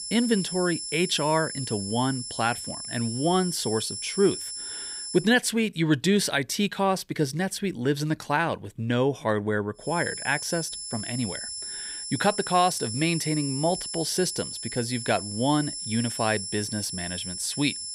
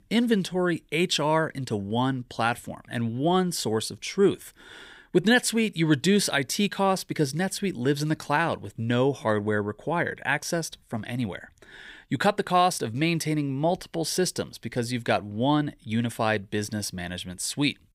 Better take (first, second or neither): second